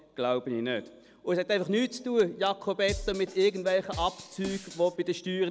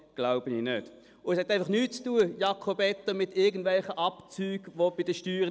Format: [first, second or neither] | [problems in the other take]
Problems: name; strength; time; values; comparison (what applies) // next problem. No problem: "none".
second | background sound (Drum kit); 12 dB below the speech